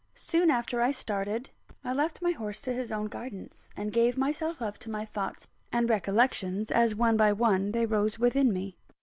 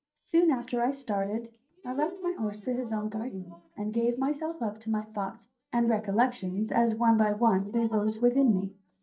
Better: first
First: none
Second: noise reduction (neural mask model DeepFilterNet 3)

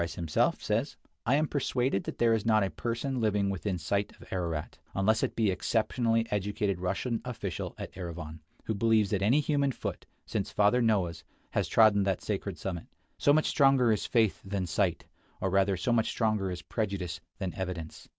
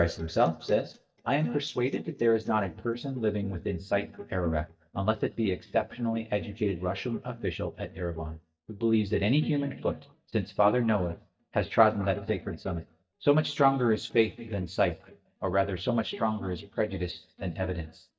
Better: first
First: none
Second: noise reduction (neural mask model DeepFilterNet 3)

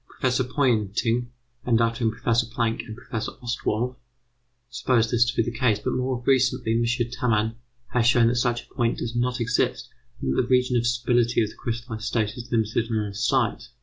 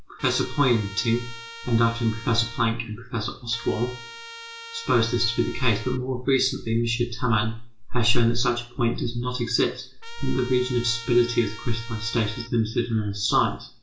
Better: first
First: none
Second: background sound (Trumpet); 17 dB below the speech // room echo; dies away in 0.4 s

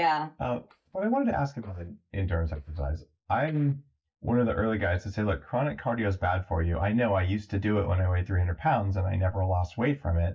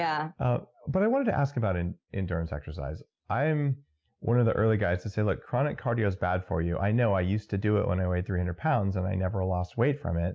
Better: second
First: noise reduction (neural mask model DeepFilterNet 3)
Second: none

